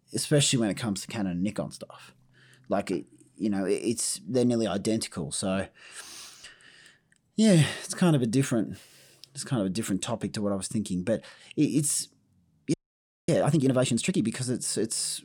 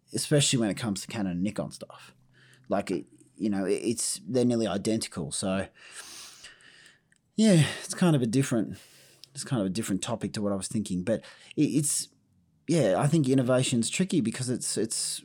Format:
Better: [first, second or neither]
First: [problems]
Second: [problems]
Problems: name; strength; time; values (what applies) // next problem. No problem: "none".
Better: second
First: audio freezing; at 13 s for 0.5 s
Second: none